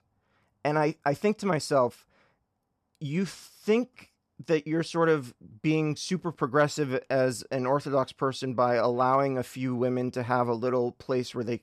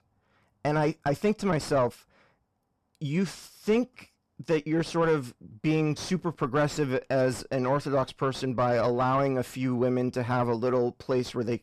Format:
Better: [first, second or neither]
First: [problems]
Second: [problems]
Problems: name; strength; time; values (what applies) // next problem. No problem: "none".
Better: first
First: none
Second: distortion; slight; 9 dB below the speech